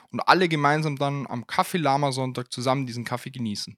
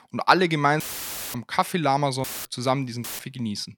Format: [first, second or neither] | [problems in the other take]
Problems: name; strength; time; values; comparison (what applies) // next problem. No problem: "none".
first | audio cutting out; filled with static; at 1 s for 0.5 s, at 2 s and at 3 s